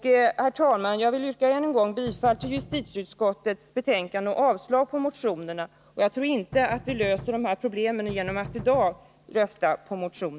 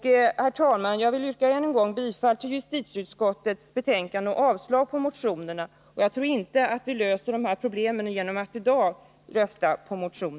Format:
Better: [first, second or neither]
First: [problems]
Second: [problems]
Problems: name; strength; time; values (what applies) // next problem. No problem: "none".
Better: second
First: background sound (Knock); 16 dB below the speech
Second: none